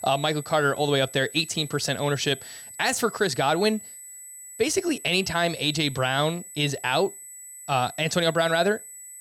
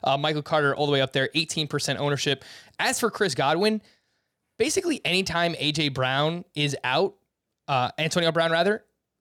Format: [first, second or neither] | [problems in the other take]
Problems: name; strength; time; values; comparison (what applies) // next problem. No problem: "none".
second | high-pitched whine; noticeable; throughout; 8 kHz, 15 dB below the speech